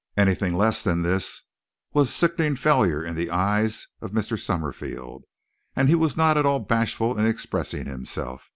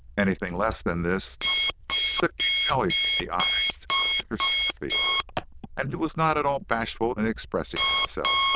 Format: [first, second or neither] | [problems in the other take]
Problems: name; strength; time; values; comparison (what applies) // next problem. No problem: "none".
first | noise reduction (neural diffusion model UNIVERSE++)